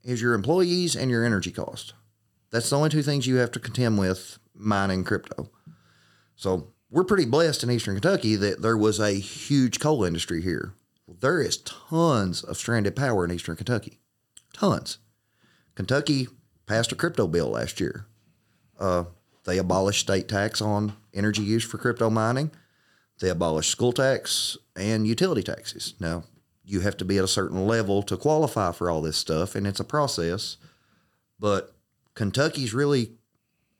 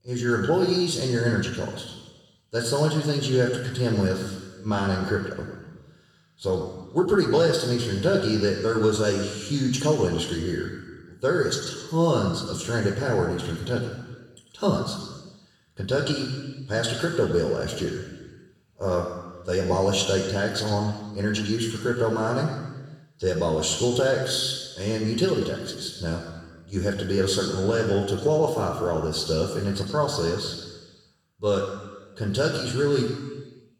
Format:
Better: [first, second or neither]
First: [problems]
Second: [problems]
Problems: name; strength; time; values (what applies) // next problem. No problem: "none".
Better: first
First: none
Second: room echo; noticeable; dies away in 1.2 s // off-mic speech; far